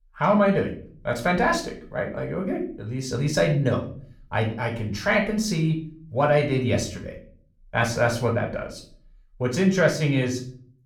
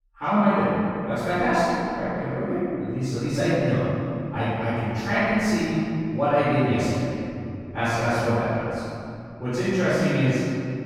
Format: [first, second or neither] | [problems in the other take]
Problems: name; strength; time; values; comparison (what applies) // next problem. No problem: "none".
first | room echo; strong; dies away in 2.8 s; slight in the first // off-mic speech; far; somewhat distant in the first